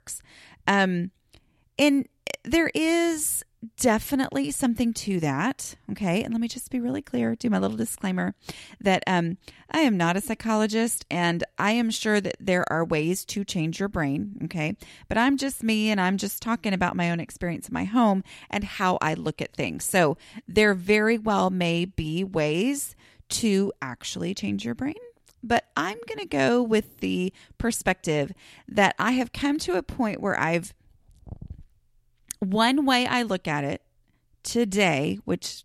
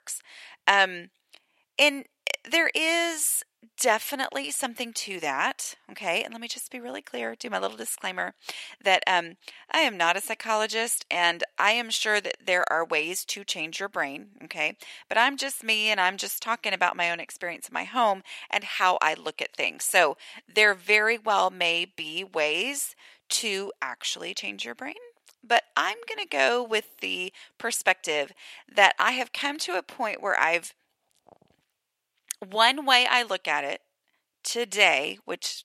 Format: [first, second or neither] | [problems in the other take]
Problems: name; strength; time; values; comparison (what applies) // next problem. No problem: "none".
first | thin; very; fading below 700 Hz